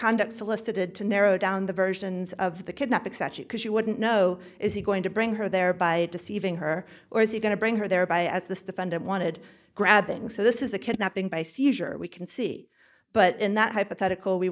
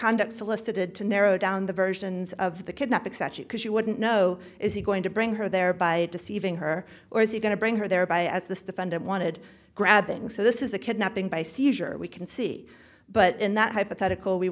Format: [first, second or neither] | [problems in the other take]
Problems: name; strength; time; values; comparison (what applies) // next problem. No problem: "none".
second | noise reduction (neural mask model DeepFilterNet 3)